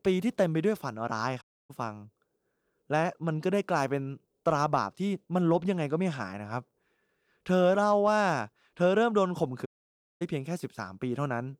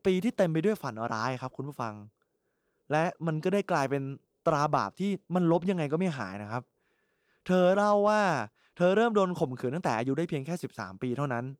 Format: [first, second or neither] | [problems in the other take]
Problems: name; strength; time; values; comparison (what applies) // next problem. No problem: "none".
second | audio cutting out; at 1.5 s and at 9.5 s for 0.5 s